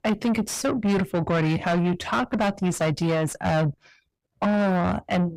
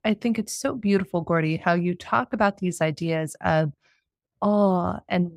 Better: second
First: distortion; heavy; 7 dB below the speech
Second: none

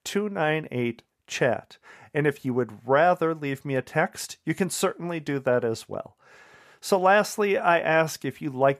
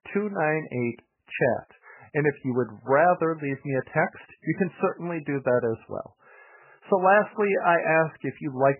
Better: first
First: none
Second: garbled, watery; badly; nothing above 2.5 kHz

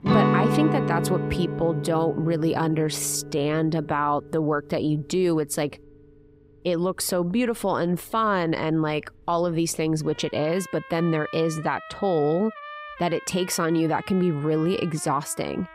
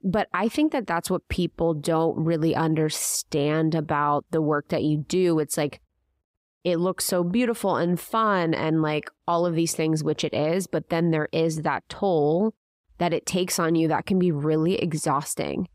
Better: second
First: background music; loud; throughout; 6 dB below the speech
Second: none

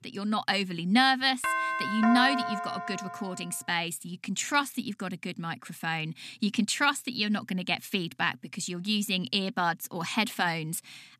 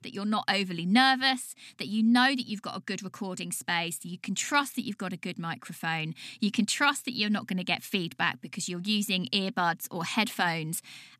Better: second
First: doorbell; loud; from 1.5 to 3.5 s; peak level with the speech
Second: none

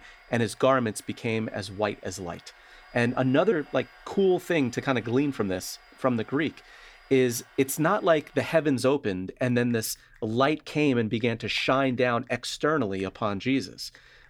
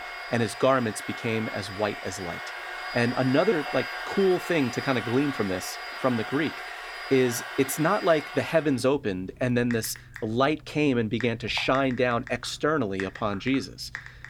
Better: first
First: household noises; faint; throughout; 30 dB below the speech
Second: household noises; loud; throughout; 10 dB below the speech

